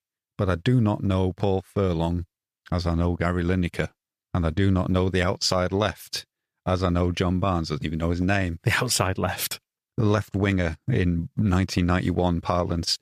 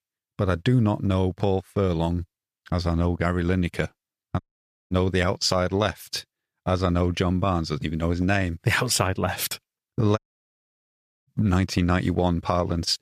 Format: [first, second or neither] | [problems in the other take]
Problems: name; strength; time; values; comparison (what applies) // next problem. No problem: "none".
first | audio cutting out; at 4.5 s for 0.5 s and at 10 s for 1 s